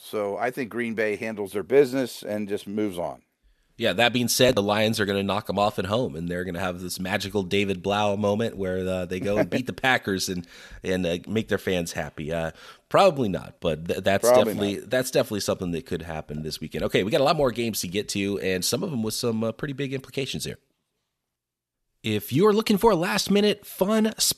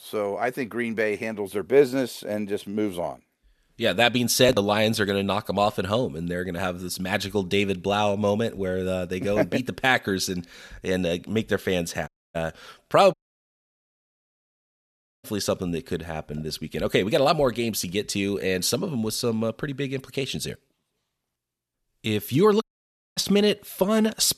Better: first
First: none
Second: audio cutting out; at 12 s, at 13 s for 2 s and at 23 s for 0.5 s

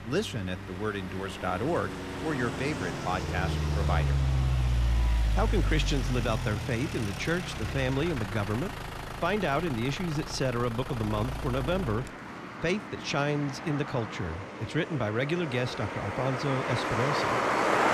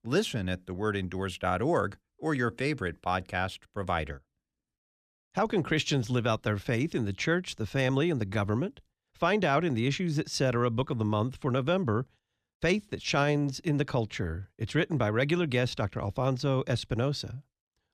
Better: second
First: traffic noise; loud; throughout; 1 dB below the speech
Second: none

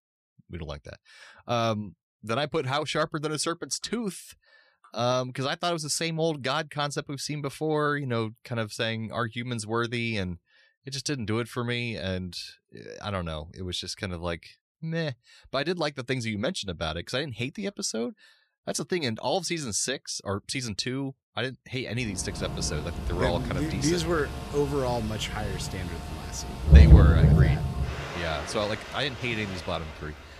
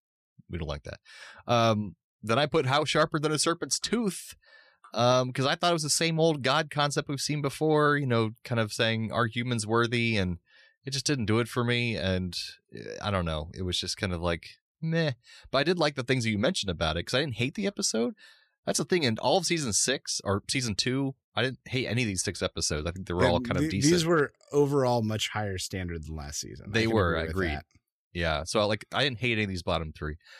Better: second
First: rain or running water; very loud; from 22 s on; 5 dB above the speech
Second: none

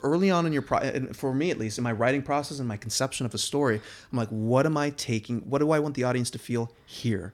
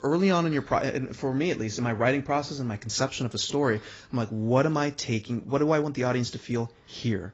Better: first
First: none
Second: garbled, watery; badly; nothing above 7.5 kHz

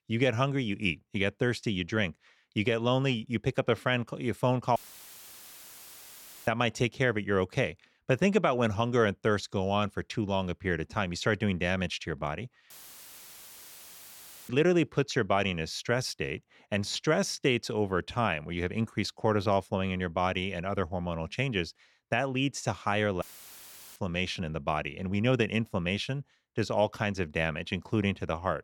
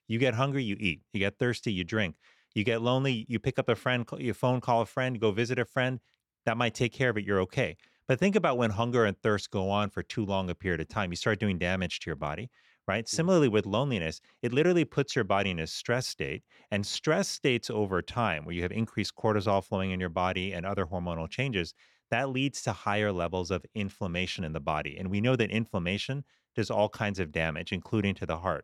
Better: second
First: audio cutting out; filled with static; at 5 s for 1.5 s, at 13 s for 2 s and at 23 s for 0.5 s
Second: none

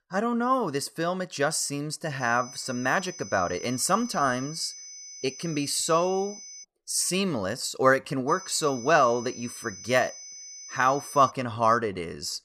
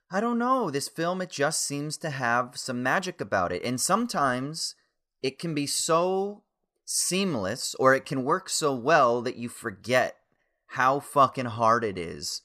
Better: second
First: high-pitched whine; noticeable; from 2 to 6.5 s and from 8.5 to 11 s; 6 kHz, 15 dB below the speech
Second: none

